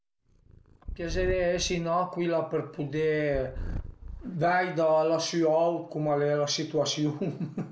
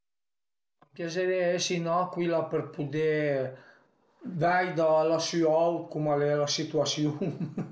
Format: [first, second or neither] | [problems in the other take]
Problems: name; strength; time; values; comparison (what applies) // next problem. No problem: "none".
second | background sound (Purr); 11 dB below the speech